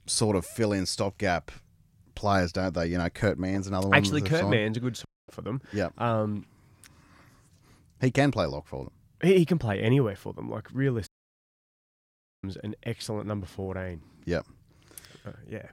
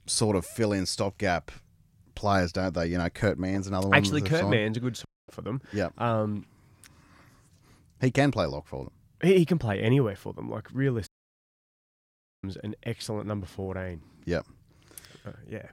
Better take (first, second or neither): neither